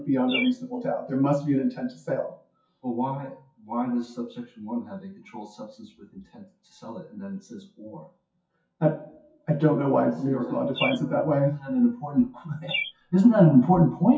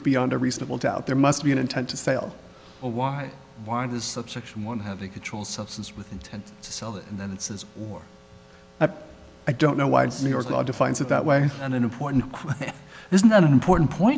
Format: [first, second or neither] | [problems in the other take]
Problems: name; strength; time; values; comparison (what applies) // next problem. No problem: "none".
second | noise reduction (classical method WPE with log-MMSE)